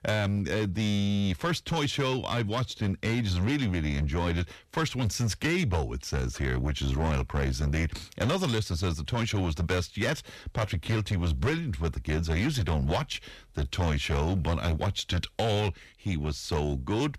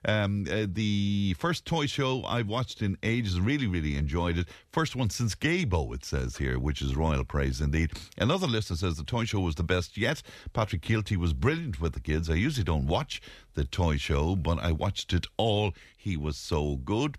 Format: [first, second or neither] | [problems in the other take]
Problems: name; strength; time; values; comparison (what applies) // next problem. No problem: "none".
second | distortion; slight; 10% of the sound clipped